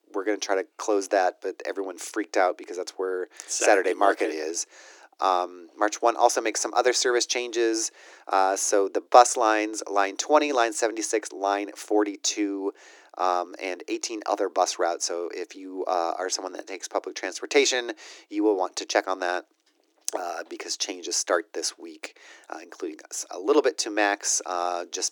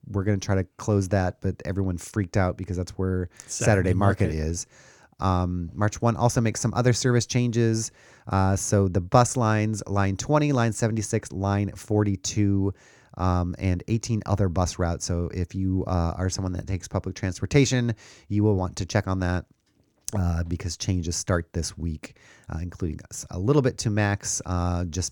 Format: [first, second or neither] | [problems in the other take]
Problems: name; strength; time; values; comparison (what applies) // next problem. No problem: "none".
second | thin; very; fading below 300 Hz